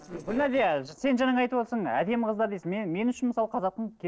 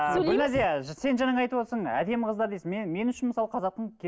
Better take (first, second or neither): second